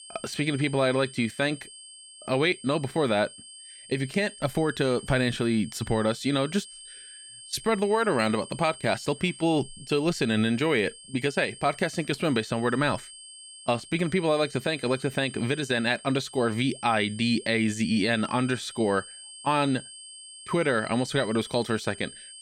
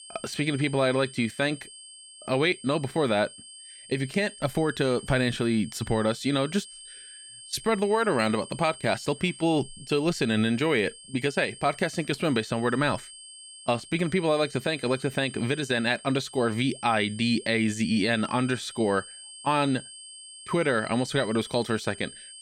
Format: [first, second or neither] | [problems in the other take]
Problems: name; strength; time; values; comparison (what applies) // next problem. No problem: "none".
neither | high-pitched whine; noticeable; throughout; 8.5 kHz, 15 dB below the speech; the same in both